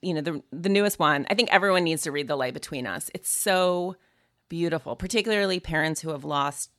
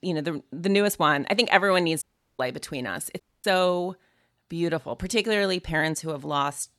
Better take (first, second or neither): first